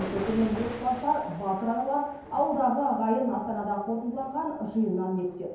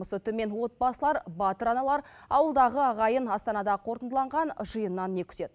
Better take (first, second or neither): second